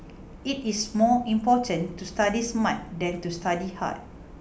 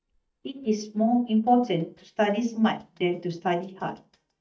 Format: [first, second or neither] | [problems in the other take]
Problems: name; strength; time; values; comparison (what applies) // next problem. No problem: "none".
first | noise reduction (neural mask model DeepFilterNet 3)